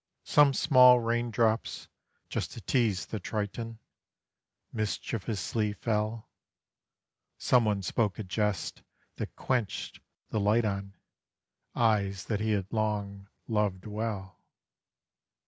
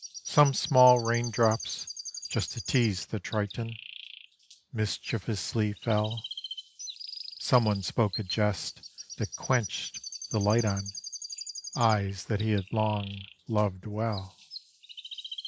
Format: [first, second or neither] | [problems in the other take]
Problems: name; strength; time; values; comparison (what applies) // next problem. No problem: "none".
first | background sound (Chirp, tweet); 13 dB below the speech